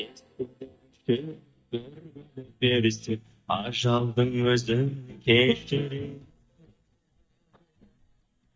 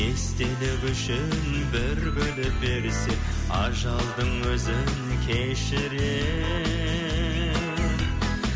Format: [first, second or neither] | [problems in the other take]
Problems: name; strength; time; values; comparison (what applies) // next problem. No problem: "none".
second | noise reduction (neural mask model DeepFilterNet 3)